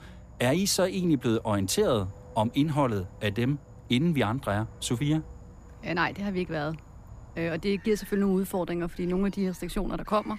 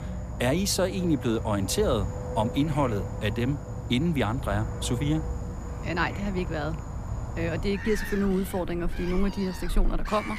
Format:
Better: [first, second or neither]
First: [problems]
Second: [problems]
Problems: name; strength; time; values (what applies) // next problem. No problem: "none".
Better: first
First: animal sounds; faint; throughout; 20 dB below the speech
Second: animal sounds; loud; throughout; 6 dB below the speech